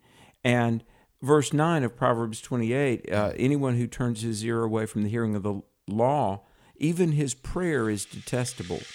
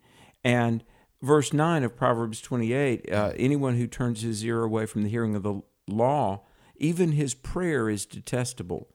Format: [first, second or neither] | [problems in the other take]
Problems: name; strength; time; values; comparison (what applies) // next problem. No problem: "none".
second | background music; faint; from 7 s on; 20 dB below the speech